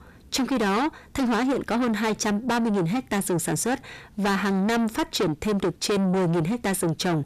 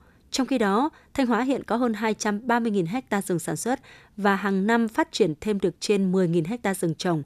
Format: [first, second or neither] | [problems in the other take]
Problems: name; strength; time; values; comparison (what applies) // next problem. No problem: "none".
second | distortion; heavy; 7 dB below the speech